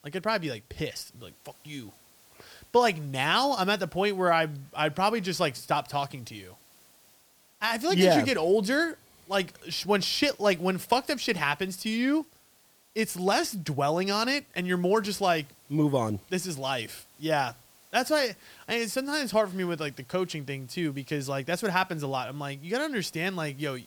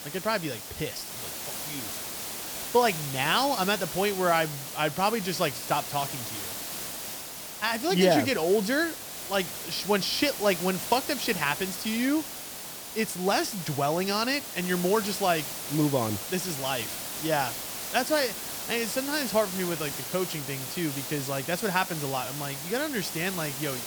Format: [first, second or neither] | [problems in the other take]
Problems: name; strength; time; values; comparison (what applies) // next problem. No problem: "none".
first | hiss; loud; throughout; 6 dB below the speech; faint in the first